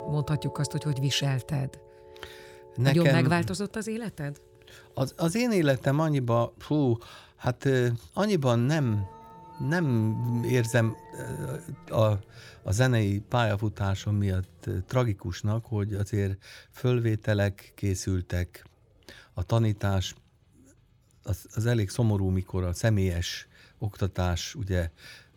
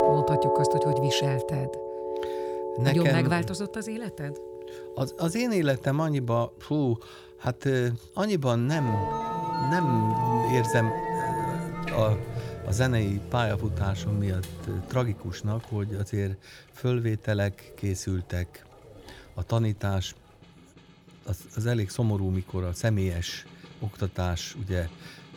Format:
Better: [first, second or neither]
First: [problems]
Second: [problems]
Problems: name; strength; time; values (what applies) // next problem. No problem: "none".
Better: first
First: background music; faint; throughout; 20 dB below the speech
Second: background music; loud; throughout; 2 dB below the speech